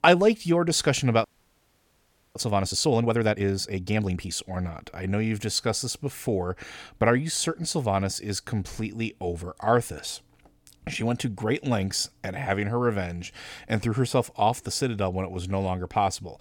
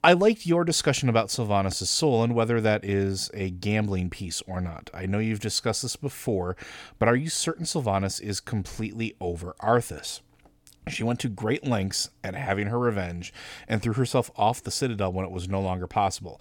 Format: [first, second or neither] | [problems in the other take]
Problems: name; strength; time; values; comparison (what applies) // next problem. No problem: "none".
second | audio freezing; at 1 s for 1 s